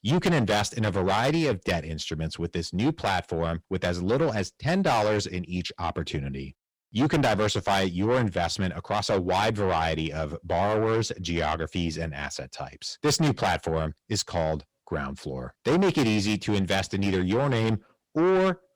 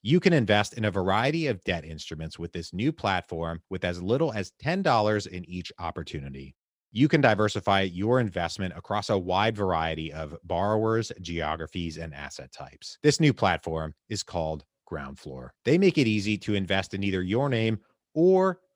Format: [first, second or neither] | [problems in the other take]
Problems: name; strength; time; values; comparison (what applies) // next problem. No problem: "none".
second | distortion; heavy; 6 dB below the speech